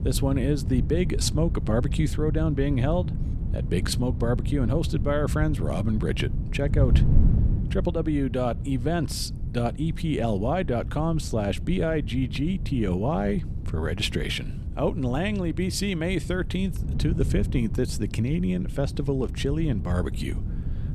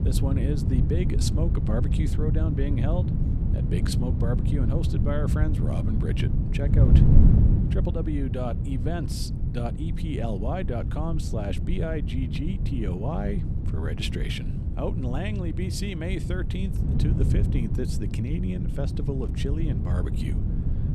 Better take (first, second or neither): first